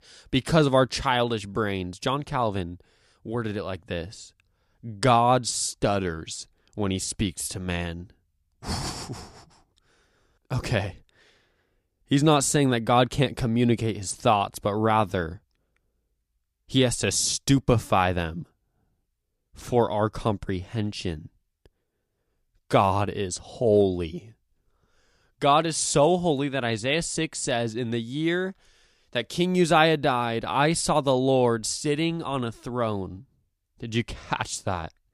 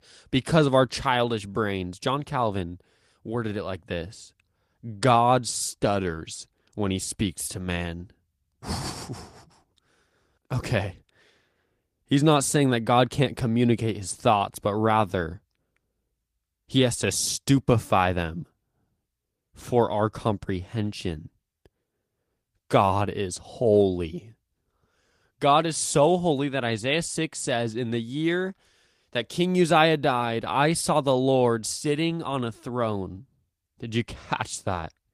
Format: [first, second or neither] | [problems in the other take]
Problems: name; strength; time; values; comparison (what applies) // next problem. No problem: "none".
first | garbled, watery; slightly